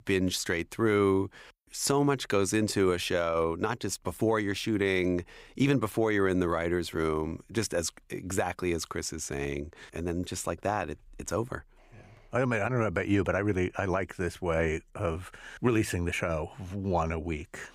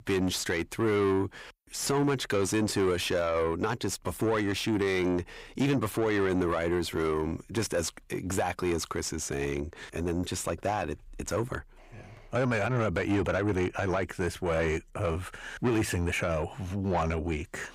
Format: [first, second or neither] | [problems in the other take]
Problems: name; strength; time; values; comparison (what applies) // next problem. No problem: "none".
first | distortion; slight; 10 dB below the speech